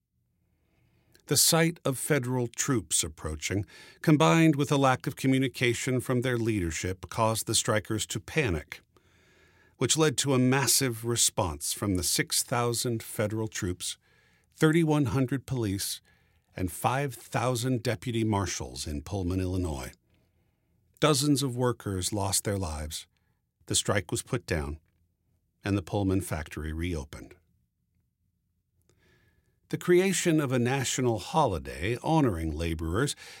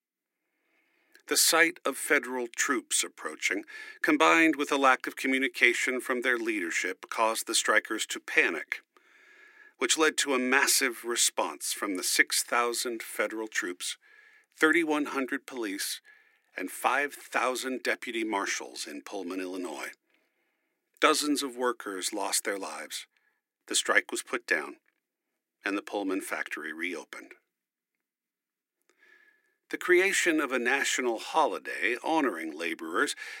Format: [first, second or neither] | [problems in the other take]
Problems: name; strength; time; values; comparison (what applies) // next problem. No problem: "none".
first | thin; somewhat; fading below 250 Hz